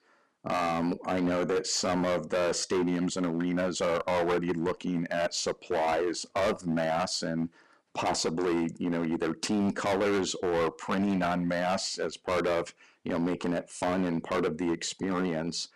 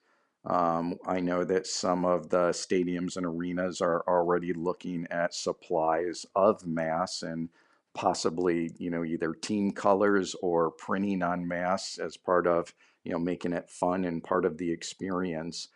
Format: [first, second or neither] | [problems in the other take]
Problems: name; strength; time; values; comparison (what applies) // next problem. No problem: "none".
second | distortion; heavy; 15% of the sound clipped